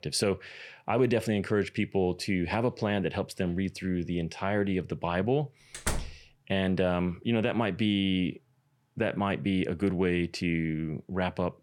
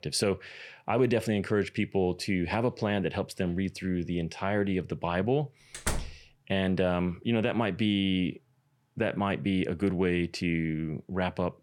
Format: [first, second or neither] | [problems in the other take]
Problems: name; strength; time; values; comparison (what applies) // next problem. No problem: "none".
neither | door banging; noticeable; at 5.5 s; peak 4 dB below the speech; the same in both